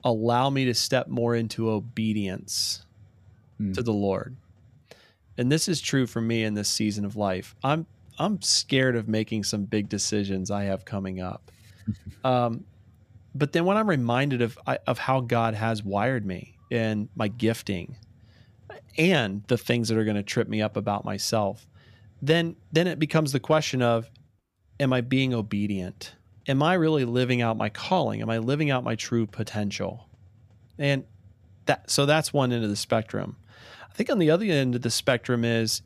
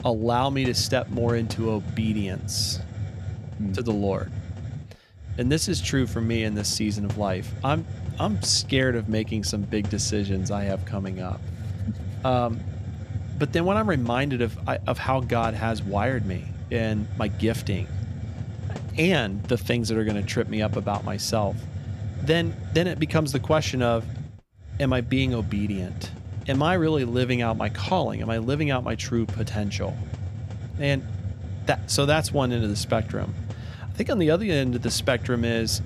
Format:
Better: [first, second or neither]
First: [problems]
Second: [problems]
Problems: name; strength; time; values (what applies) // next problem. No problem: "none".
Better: first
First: hiss; faint; throughout; 30 dB below the speech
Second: hiss; loud; throughout; 8 dB below the speech